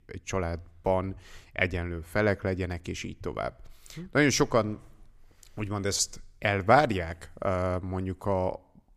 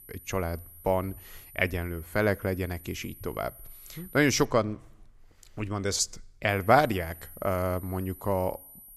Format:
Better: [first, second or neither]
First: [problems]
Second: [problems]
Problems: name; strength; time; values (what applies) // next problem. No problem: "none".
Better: first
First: none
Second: high-pitched whine; noticeable; until 4.5 s and from 6.5 s on; 12 kHz, 20 dB below the speech